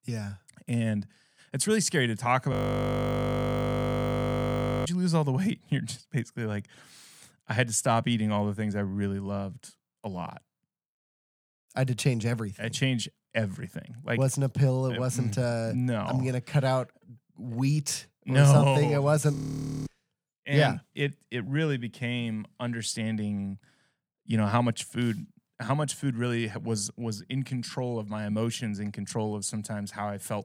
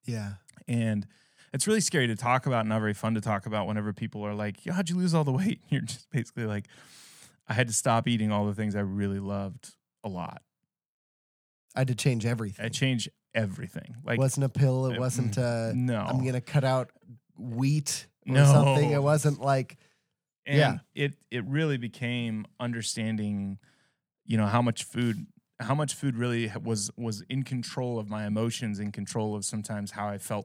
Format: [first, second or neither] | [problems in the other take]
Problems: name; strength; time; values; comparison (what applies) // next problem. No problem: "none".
second | audio freezing; at 2.5 s for 2.5 s and at 19 s for 0.5 s